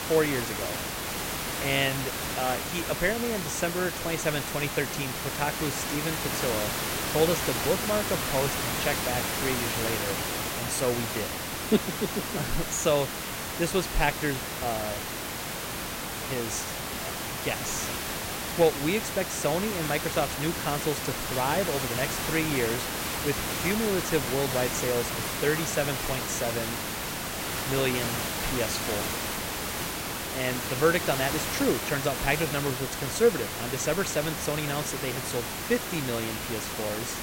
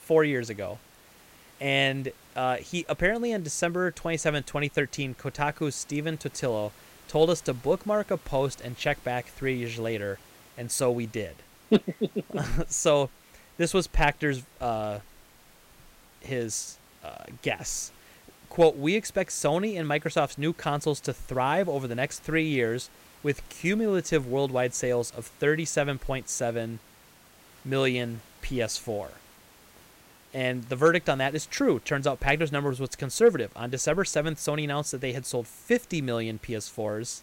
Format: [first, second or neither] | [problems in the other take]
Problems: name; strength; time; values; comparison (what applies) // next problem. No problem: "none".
second | hiss; loud; throughout; 1 dB below the speech; faint in the second